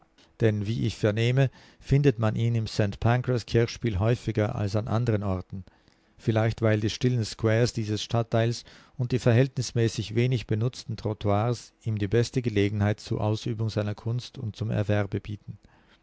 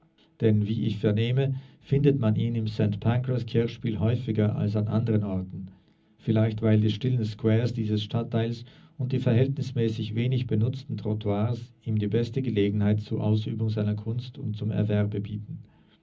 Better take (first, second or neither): first